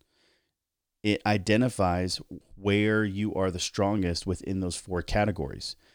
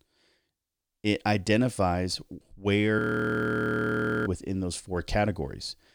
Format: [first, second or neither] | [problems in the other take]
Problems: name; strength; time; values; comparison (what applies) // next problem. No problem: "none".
first | audio freezing; at 3 s for 1.5 s